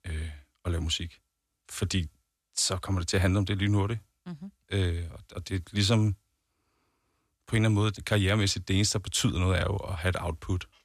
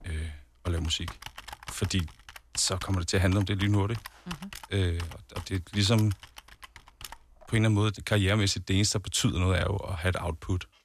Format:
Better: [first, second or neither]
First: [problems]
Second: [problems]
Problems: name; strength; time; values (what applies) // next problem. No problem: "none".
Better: first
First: none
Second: keyboard typing; faint; until 7.5 s; peak 15 dB below the speech